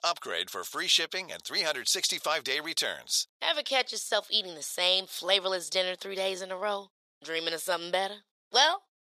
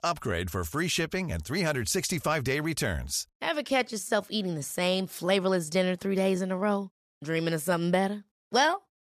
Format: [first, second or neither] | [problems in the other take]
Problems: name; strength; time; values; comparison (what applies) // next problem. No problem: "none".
second | thin; very; fading below 600 Hz